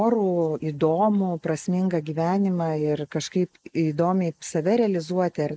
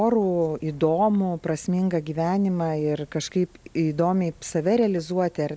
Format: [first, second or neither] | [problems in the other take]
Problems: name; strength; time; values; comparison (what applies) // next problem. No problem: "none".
second | noise reduction (neural mask model Resemble Enhance denoiser)